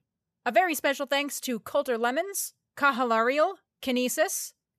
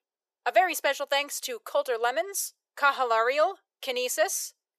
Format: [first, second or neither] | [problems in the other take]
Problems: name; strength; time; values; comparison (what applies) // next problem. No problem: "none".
first | thin; very; fading below 350 Hz